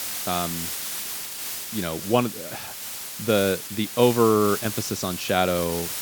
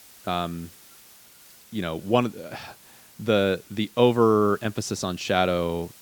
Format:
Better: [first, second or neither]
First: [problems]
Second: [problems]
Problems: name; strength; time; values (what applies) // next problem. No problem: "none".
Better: second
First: hiss; loud; throughout; 6 dB below the speech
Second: hiss; faint; throughout; 25 dB below the speech